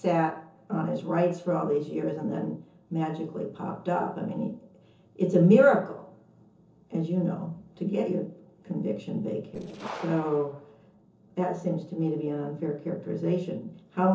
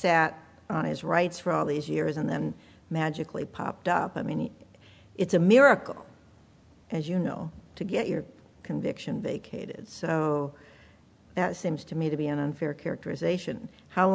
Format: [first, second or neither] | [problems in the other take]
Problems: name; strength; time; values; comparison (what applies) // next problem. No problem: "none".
second | noise reduction (neural separator model SepFormer DNS4)